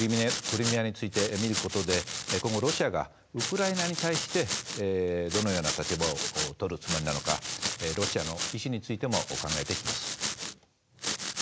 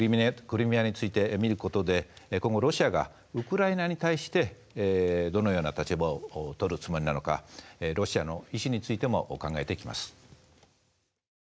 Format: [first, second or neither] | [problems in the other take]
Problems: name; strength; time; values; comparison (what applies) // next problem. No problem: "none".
second | background sound (Domestic sounds, home sounds); 3 dB below the speech